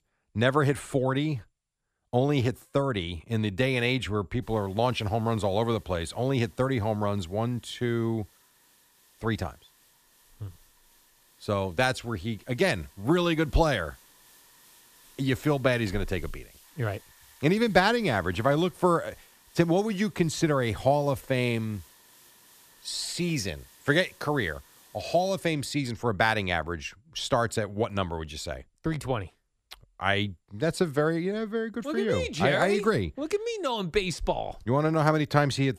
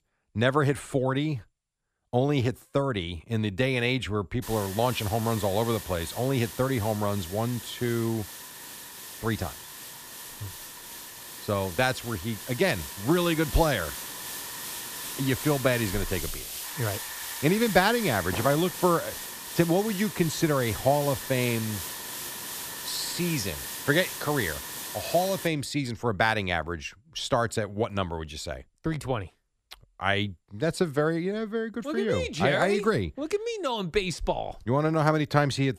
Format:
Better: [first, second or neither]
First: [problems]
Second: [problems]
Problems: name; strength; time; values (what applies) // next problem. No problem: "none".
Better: first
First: hiss; faint; from 4.5 to 25 s; 30 dB below the speech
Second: hiss; loud; from 4.5 to 25 s; 8 dB below the speech